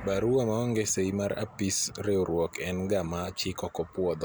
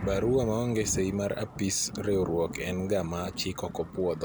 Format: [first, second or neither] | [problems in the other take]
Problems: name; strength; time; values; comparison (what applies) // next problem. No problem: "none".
first | background sound (Thunder / Rain); 11 dB below the speech